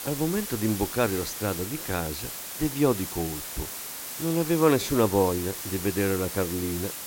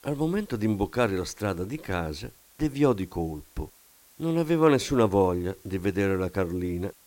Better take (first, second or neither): second